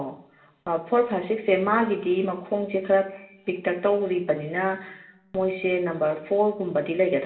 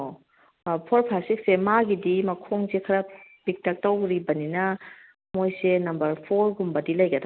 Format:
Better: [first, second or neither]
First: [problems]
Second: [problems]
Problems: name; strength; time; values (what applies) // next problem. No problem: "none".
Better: second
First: room echo; dies away in 0.7 s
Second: none